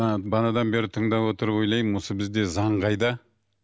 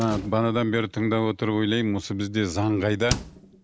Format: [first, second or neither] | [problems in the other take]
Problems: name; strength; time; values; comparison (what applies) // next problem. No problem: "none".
first | background sound (Slam); 14 dB below the speech